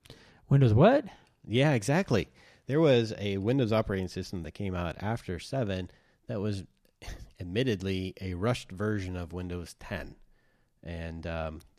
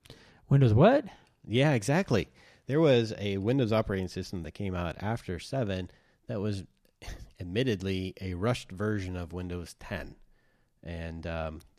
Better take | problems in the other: neither | none

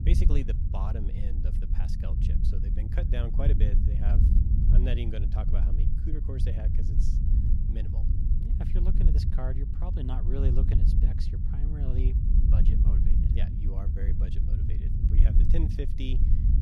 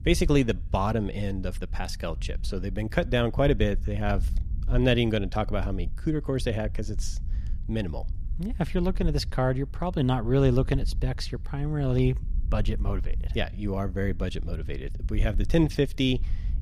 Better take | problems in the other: second | low rumble; loud; throughout; 1 dB below the speech; faint in the second

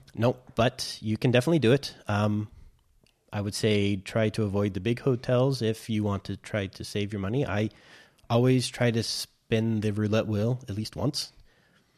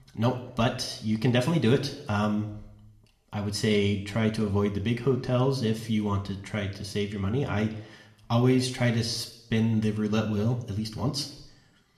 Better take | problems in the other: first | room echo; slight; dies away in 0.6 s

